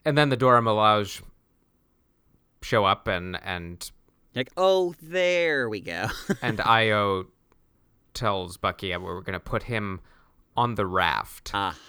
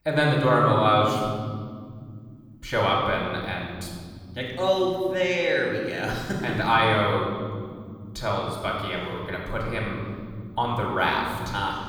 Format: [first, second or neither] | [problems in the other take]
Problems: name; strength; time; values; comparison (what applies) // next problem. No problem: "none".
first | off-mic speech; far // room echo; noticeable; dies away in 2.4 s